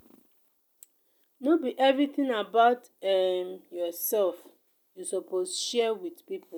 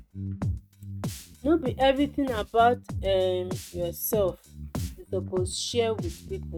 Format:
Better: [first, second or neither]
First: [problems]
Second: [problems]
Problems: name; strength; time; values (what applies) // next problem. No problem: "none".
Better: first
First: none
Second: noise reduction (neural mask model RNNoise)